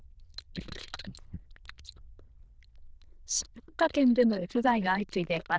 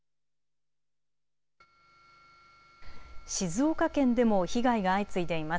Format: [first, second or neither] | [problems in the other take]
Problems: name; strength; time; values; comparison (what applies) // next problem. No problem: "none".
second | noise reduction (neural diffusion model UNIVERSE++)